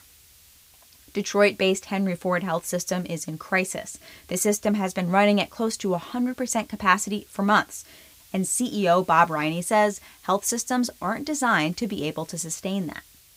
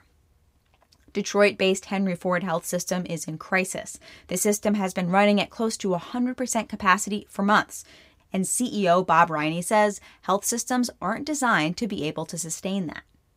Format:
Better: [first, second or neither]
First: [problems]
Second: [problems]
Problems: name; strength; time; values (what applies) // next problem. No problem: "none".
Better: second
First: hiss; faint; throughout; 25 dB below the speech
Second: none